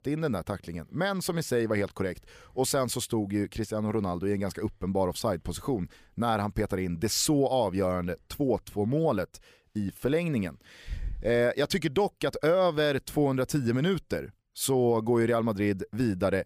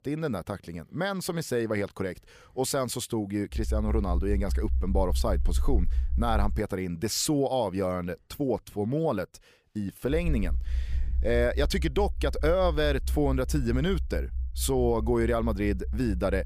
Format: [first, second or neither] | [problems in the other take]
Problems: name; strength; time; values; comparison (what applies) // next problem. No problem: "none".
first | low rumble; faint; from 3.5 to 6.5 s and from 10 s on; 20 dB below the speech